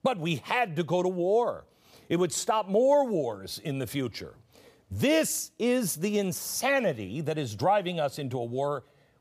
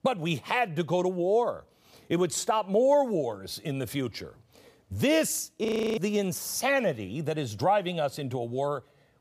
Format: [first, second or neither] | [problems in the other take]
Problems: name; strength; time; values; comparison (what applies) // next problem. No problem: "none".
first | audio freezing; at 5.5 s